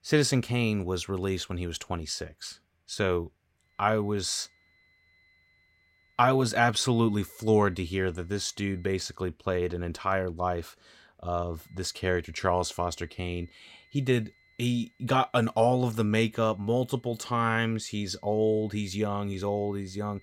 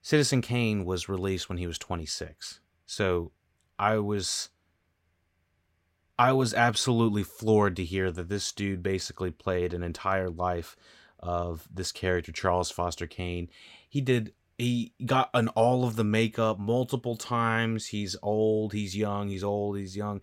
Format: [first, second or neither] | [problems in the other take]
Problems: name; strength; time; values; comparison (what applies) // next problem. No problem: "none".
second | high-pitched whine; faint; from 3.5 to 9 s and from 12 s on; 2 kHz, 35 dB below the speech